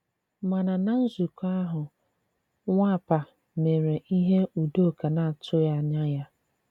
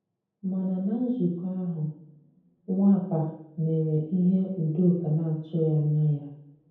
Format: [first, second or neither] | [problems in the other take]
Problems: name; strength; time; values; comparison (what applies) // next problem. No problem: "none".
first | room echo; dies away in 0.9 s